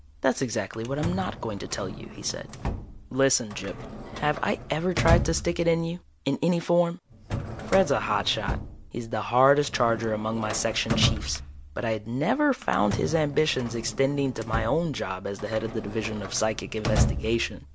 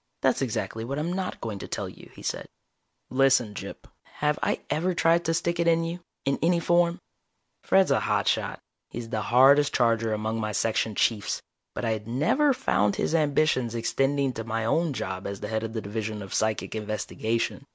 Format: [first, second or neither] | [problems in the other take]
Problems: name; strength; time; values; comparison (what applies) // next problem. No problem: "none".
second | background sound (Drawer open or close); 6 dB below the speech